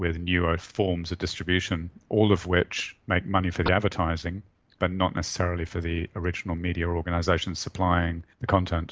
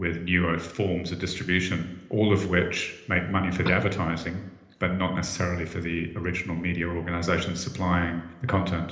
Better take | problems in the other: first | room echo; dies away in 1 s

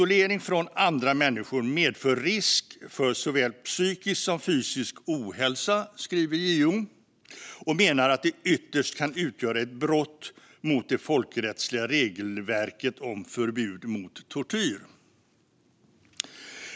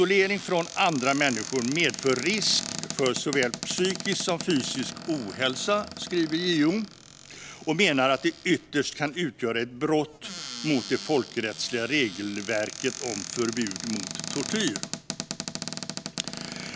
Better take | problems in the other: first | background sound (Cupboard open or close); 10 dB below the speech

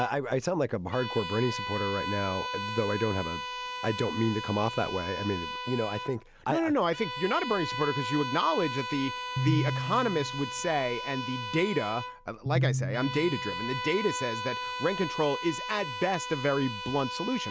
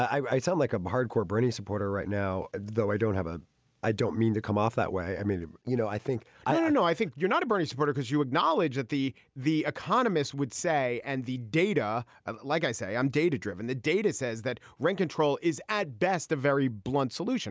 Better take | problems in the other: second | background sound (Piano + Bowed string instrument); 5 dB below the speech

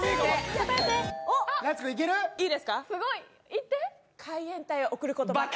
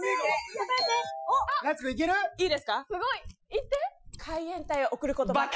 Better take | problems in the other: first | noise reduction (classical method Wiener filter)

